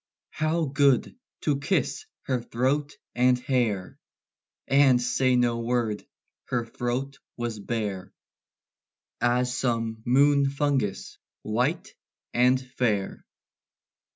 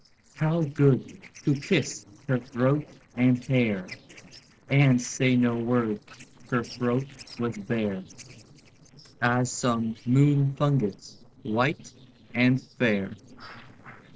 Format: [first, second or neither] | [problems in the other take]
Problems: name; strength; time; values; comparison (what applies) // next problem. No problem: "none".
first | noise reduction (neural separator model SepFormer DNS4)